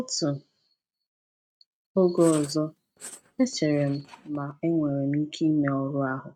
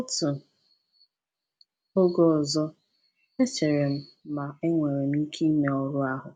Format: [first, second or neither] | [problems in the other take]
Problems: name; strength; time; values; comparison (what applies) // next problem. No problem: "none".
second | noise reduction (neural mask model RNNoise)